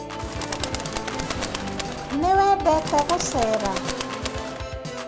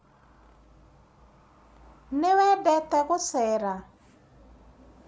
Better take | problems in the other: second | background sound (Organ + Bird); 4 dB below the speech

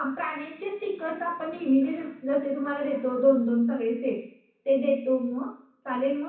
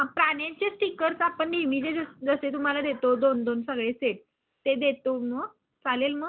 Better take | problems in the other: second | room echo; dies away in 0.6 s

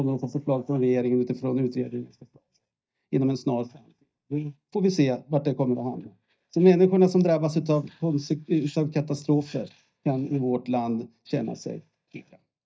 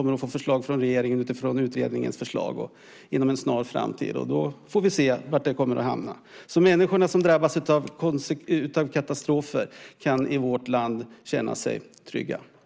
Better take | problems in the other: second | noise reduction (neural mask model DeepFilterNet 3)

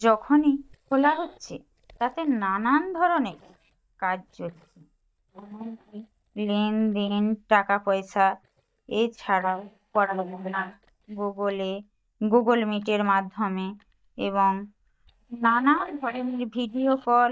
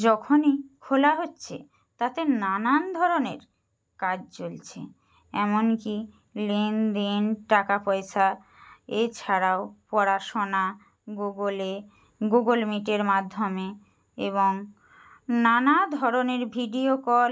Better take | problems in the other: second | noise reduction (neural mask model DeepFilterNet 3)

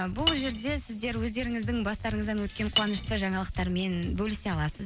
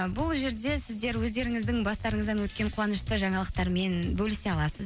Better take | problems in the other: second | background sound (Cutlery, silverware); 8 dB below the speech

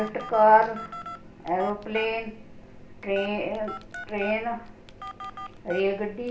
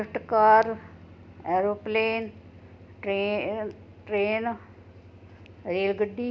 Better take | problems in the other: second | background sound (Telephone); 14 dB below the speech // room echo; dies away in 0.5 s

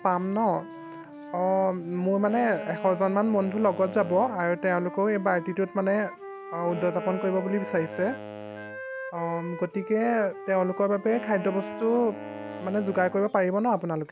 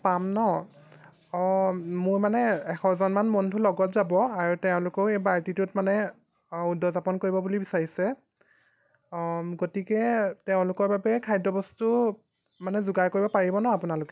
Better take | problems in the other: second | background sound (Wind instrument, woodwind instrument + Wind instrument, woodwind instrument); 12 dB below the speech

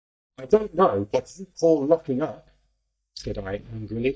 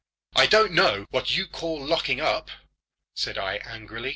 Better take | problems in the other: second | noise reduction (neural mask model DeepFilterNet 3)

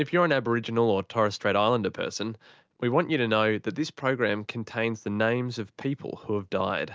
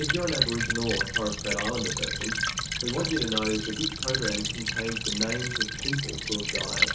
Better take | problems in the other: first | background sound (Stream / Trickle, dribble); 2 dB above the speech // room echo; dies away in 0.7 s

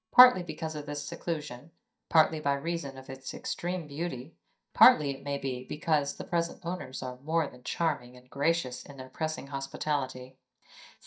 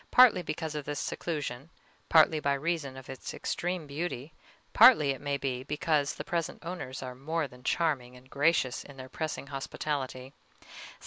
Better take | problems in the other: second | noise reduction (neural mask model DeepFilterNet 3)

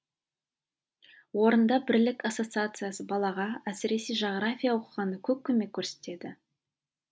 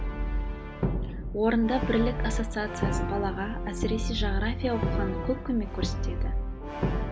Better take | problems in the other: first | background sound (Brass instrument); 2 dB above the speech

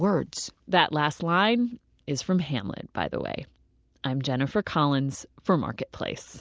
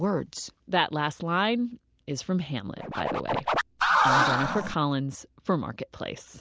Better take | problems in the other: first | background sound (Scratching (performance technique)); 4 dB above the speech

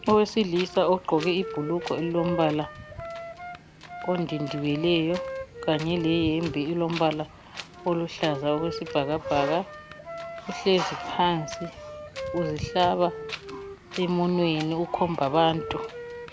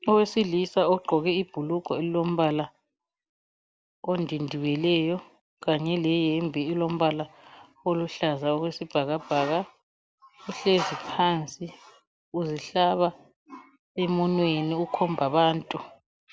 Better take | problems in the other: second | background sound (Wind + Wind instrument, woodwind instrument); 11 dB below the speech

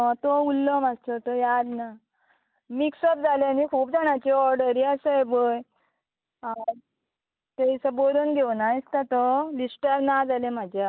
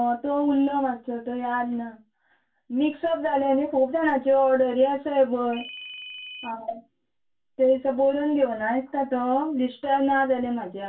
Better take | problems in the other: first | background sound (Ringtone); 14 dB below the speech // room echo; dies away in 0.2 s

